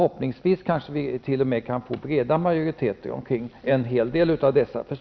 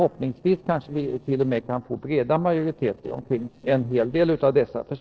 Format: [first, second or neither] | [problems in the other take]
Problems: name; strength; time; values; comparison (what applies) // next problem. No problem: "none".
first | noise reduction (neural separator model SepFormer DNS4)